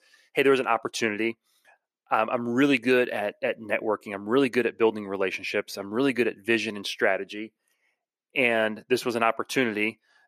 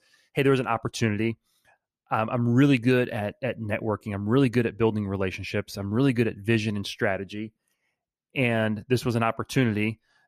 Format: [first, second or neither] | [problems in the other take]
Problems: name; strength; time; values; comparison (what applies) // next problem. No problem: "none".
second | thin; somewhat; fading below 400 Hz